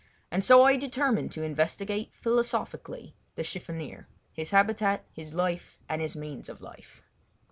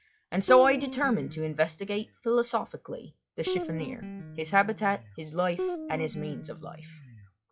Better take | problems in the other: first | noise reduction (classical method log-MMSE)

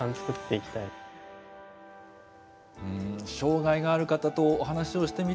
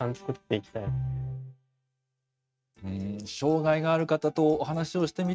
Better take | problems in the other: first | noise reduction (neural mask model RNNoise)

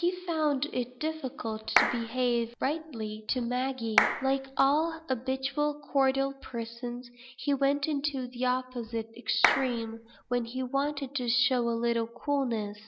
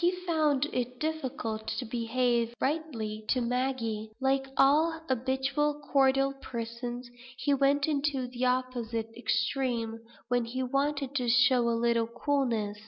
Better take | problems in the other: second | background sound (Clapping); 2 dB below the speech

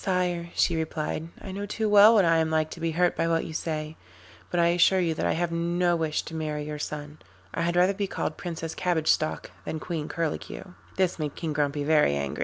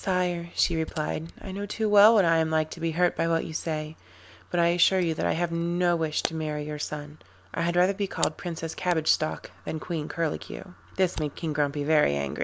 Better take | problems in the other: first | background sound (Camera); 19 dB below the speech

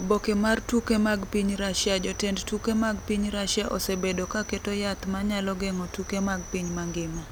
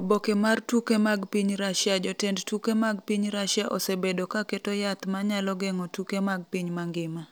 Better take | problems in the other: second | background sound (Cricket); 12 dB below the speech

